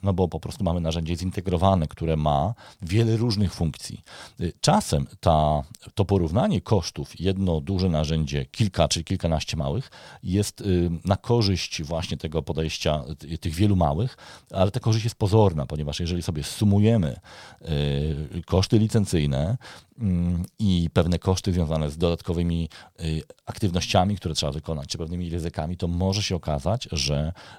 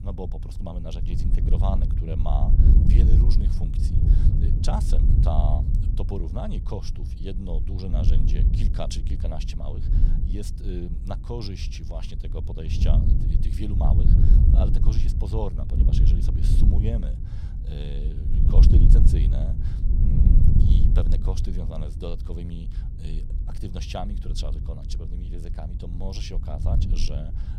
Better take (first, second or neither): first